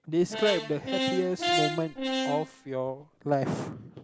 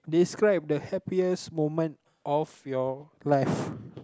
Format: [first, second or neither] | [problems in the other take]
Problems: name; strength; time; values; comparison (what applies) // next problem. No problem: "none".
second | background sound (Brass instrument); 1 dB below the speech